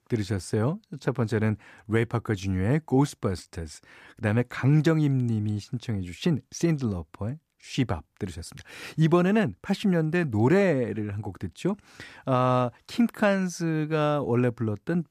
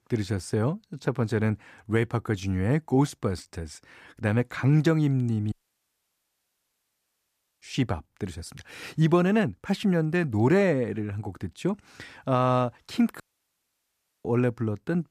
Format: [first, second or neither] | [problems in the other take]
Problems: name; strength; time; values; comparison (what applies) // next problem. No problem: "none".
first | audio cutting out; at 5.5 s for 2 s and at 13 s for 1 s